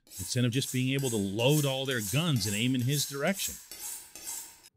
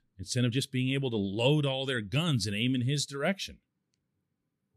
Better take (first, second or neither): second